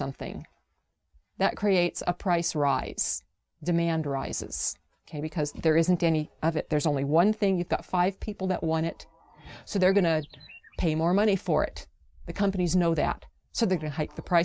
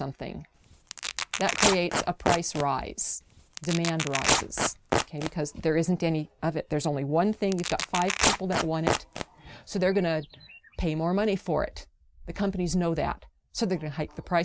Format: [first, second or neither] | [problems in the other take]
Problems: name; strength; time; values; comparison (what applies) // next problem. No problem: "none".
first | background sound (Tearing); 2 dB below the speech